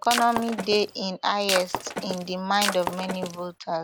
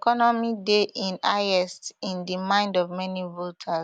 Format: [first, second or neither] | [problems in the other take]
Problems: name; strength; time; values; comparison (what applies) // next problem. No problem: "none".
second | background sound (Shatter); 5 dB below the speech